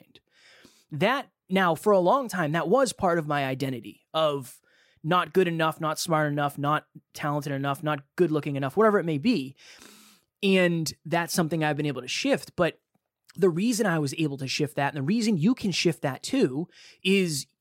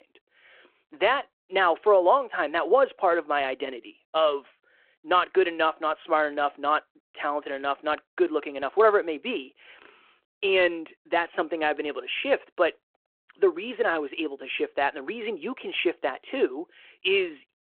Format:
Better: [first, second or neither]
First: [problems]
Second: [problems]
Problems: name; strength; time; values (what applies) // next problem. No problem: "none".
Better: first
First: none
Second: phone-call audio